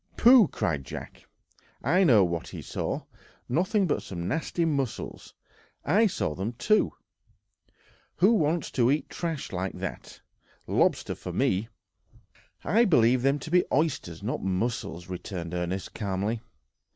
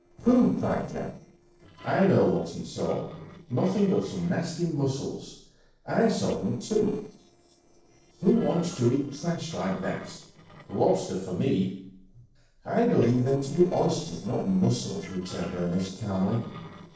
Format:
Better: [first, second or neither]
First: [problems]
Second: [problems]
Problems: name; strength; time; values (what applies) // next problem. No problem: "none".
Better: first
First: none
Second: noise reduction (neural separator model SepFormer DNS4)